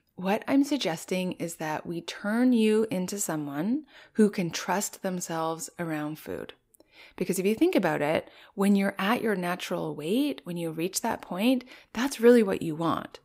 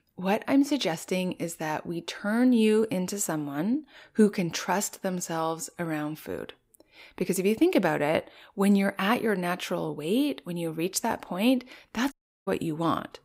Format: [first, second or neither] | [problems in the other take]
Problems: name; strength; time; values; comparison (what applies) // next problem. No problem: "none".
first | audio cutting out; at 12 s